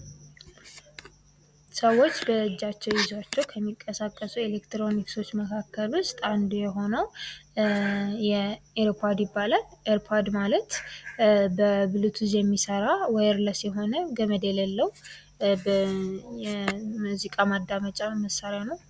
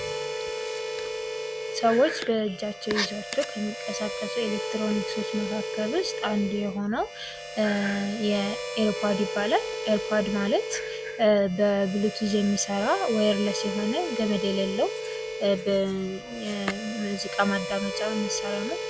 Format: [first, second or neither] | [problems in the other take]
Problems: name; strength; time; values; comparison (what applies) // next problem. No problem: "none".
first | background sound (Harmonica); 6 dB below the speech